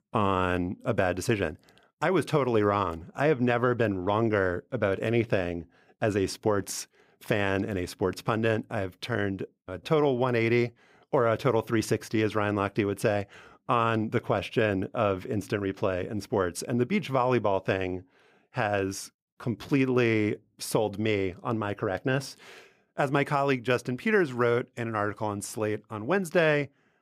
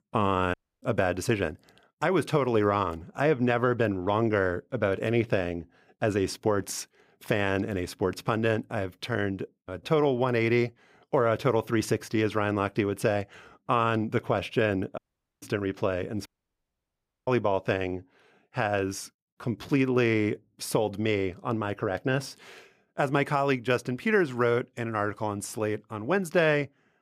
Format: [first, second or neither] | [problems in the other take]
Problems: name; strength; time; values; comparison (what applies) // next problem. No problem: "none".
first | audio cutting out; at 0.5 s, at 15 s and at 16 s for 1 s